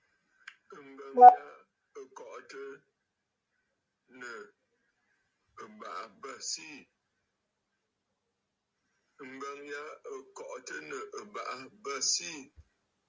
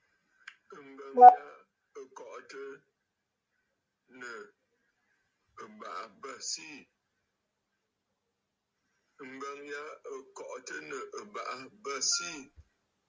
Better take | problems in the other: first | background sound (Wind instrument, woodwind instrument); 16 dB below the speech

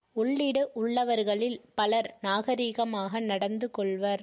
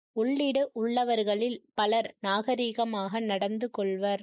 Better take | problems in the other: first | noise reduction (neural mask model Resemble Enhance denoiser)

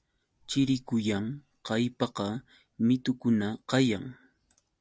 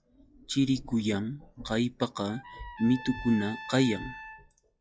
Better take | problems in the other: first | noise reduction (classical method log-MMSE)

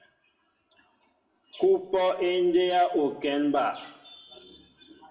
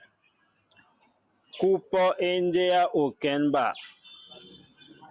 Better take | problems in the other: second | room echo; dies away in 0.8 s

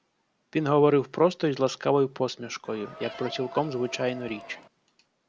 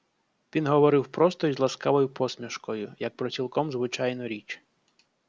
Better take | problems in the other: second | background sound (Crowd); 15 dB below the speech

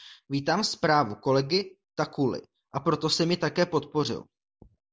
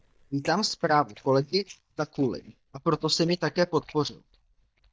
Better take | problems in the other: first | noise reduction (neural mask model DeepFilterNet 3)

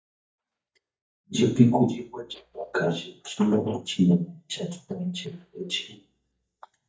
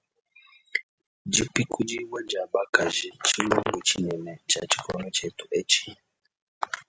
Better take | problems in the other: second | noise reduction (neural mask model DeepFilterNet 3)

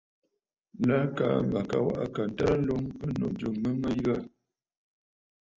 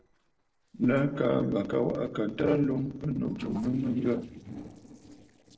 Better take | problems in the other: first | noise reduction (neural separator model SepFormer DNS4)

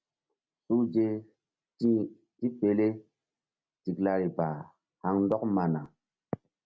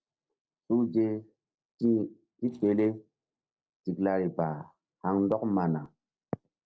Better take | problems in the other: first | noise reduction (neural separator model SepFormer DNS4)

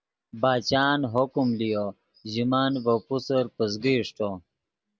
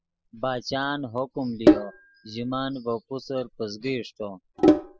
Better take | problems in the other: first | noise reduction (classical method spectral subtraction)

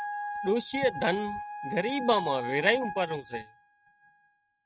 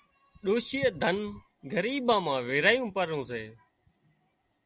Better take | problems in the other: second | noise reduction (neural mask model RNNoise)

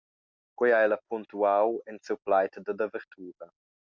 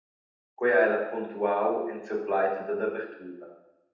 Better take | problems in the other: first | room echo; dies away in 0.9 s

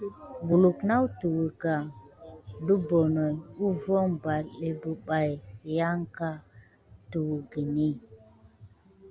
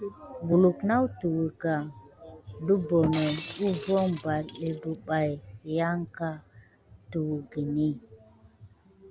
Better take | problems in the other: first | background sound (Shatter); 14 dB below the speech

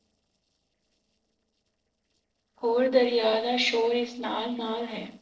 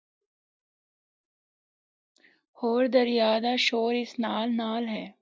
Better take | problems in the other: second | noise reduction (neural separator model SepFormer DNS4)

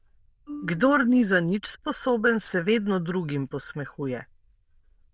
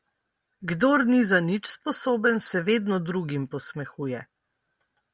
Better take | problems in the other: second | noise reduction (neural diffusion model UNIVERSE++)

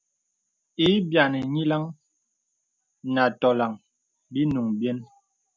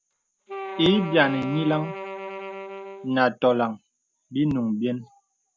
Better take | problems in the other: first | background sound (Wind instrument, woodwind instrument); 11 dB below the speech

